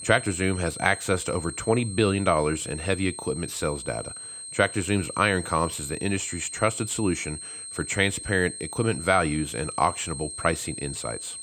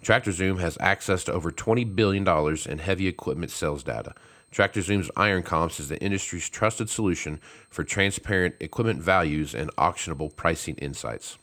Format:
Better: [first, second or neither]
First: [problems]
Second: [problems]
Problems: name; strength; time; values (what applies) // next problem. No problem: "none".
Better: second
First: high-pitched whine; loud; throughout; 8.5 kHz, 9 dB below the speech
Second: high-pitched whine; faint; throughout; 8.5 kHz, 35 dB below the speech